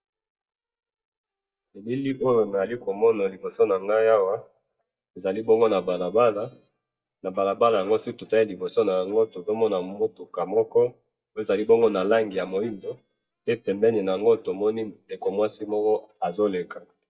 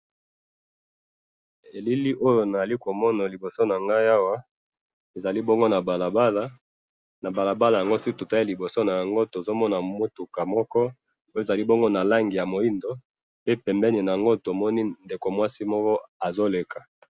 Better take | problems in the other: second | noise reduction (neural mask model DeepFilterNet 3)

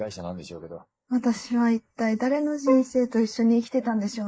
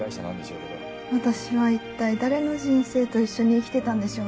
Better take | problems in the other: second | noise reduction (neural mask model Resemble Enhance denoiser)

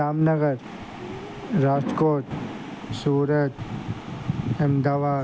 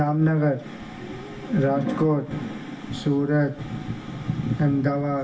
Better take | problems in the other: first | room echo; dies away in 0.7 s

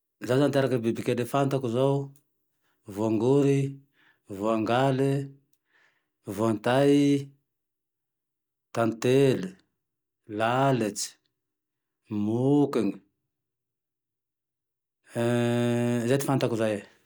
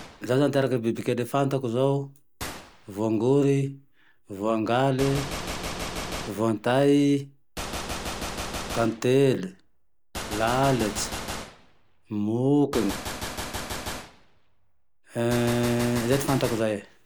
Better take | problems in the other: first | background sound (Gunshot, gunfire); 10 dB below the speech

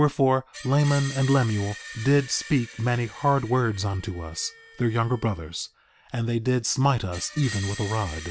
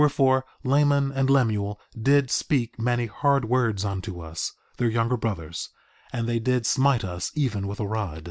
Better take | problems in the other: second | background sound (Screech); 17 dB below the speech

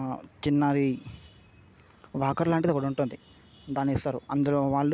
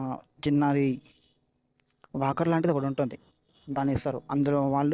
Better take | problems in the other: first | noise reduction (neural separator model SepFormer DNS4)

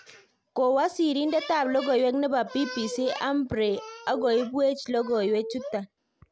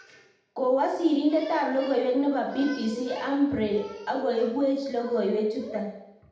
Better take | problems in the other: first | room echo; dies away in 0.8 s

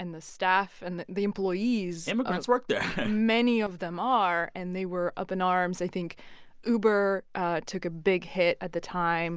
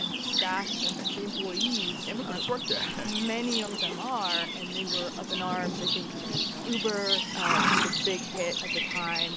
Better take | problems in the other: first | background sound (Livestock, farm animals, working animals); 4 dB above the speech

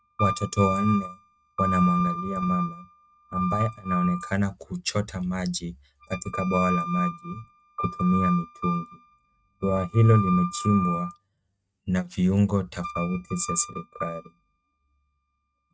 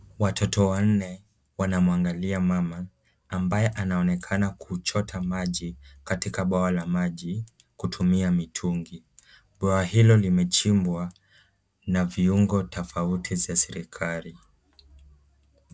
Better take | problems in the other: second | noise reduction (neural mask model RNNoise)

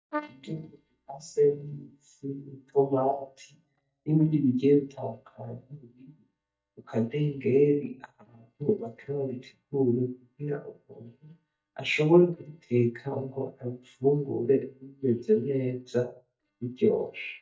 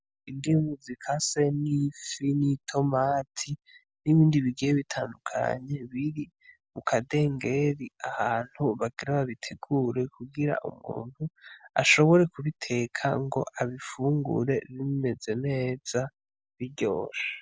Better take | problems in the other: second | noise reduction (neural mask model DeepFilterNet 3)

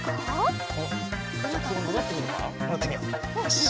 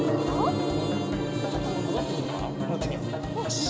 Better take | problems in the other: first | background sound (Gong); as loud as the speech // room echo; dies away in 0.9 s

